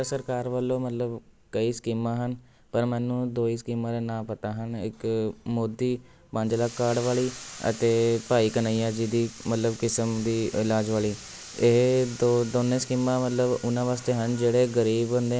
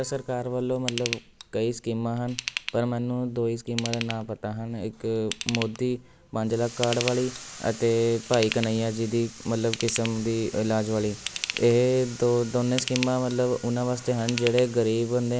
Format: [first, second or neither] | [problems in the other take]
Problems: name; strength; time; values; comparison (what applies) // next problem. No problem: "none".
first | background sound (Ratchet, pawl / Tools); 12 dB below the speech